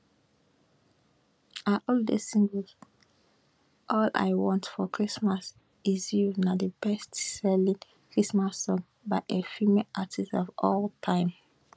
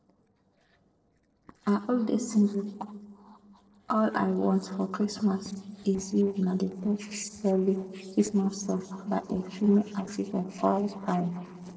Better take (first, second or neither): first